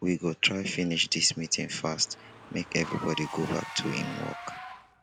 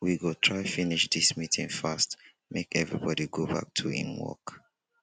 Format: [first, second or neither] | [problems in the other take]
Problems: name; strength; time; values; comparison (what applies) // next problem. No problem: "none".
second | background sound (Engine / Car); 13 dB below the speech